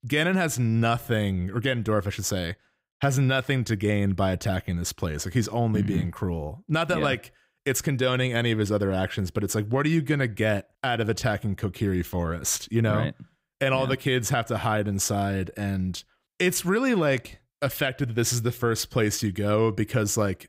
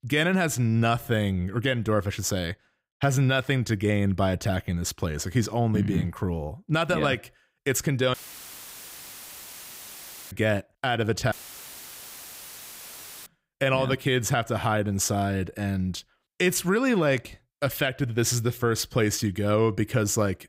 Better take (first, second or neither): first